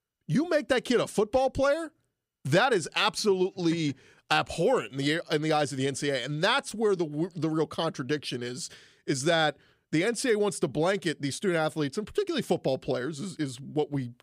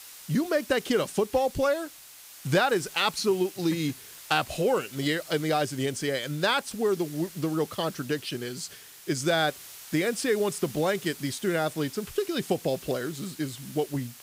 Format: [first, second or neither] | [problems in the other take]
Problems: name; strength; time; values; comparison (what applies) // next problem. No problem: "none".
first | hiss; noticeable; throughout; 15 dB below the speech